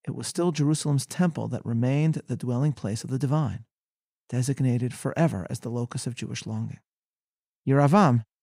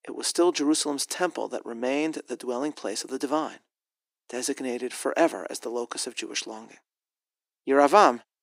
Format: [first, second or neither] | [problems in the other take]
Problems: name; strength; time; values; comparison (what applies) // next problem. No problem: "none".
first | thin; very; fading below 300 Hz